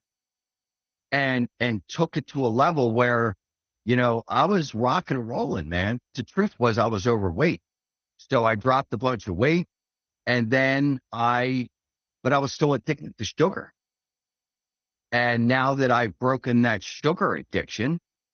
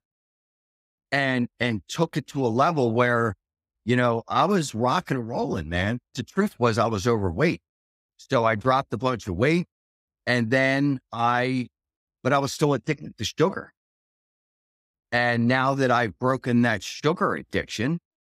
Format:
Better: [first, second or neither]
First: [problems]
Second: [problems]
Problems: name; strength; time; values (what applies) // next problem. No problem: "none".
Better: second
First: garbled, watery; slightly; nothing above 6.5 kHz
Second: none